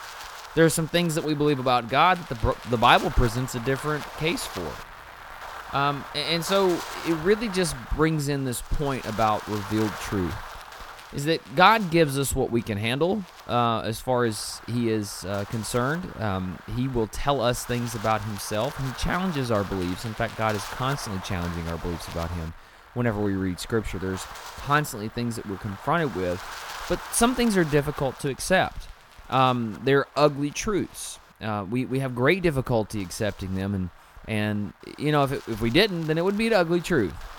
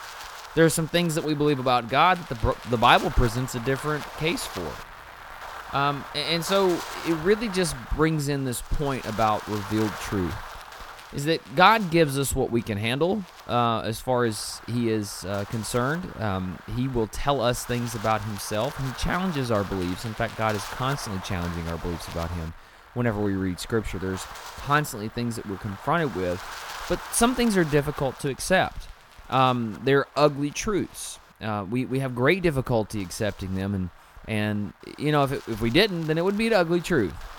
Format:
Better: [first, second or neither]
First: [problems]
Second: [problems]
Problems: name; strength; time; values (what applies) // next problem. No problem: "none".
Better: neither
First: wind noise on the microphone; occasional gusts; 15 dB below the speech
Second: wind noise on the microphone; occasional gusts; 15 dB below the speech